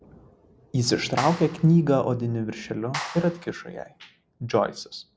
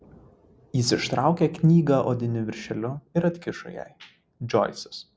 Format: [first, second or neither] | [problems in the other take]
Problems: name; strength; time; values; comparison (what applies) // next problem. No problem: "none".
second | background sound (Clapping); 12 dB below the speech